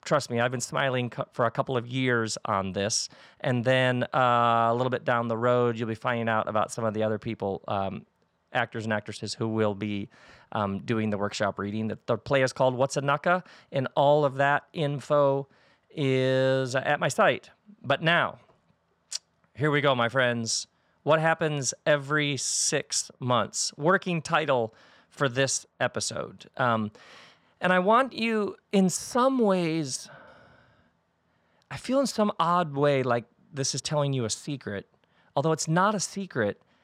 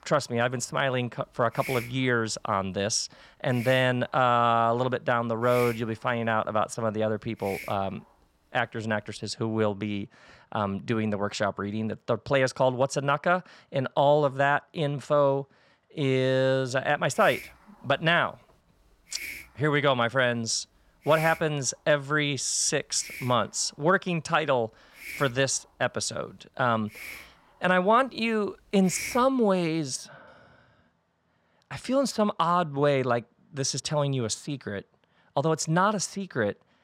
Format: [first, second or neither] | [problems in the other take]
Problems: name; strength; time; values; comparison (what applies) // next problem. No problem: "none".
first | hiss; noticeable; until 9.5 s and from 17 to 29 s; 15 dB below the speech